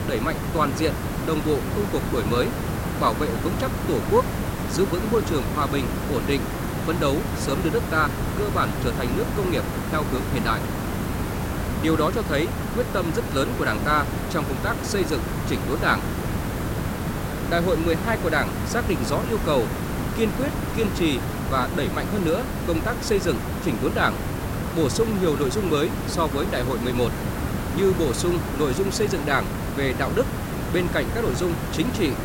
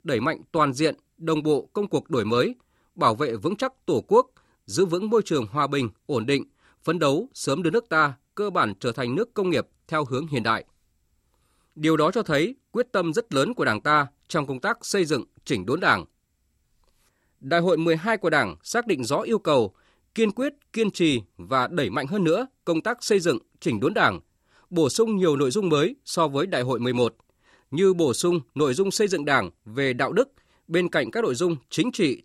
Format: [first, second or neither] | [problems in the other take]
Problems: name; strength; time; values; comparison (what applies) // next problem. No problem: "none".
second | hiss; loud; throughout; 2 dB below the speech